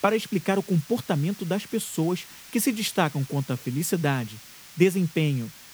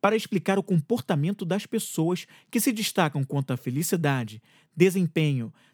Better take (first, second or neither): second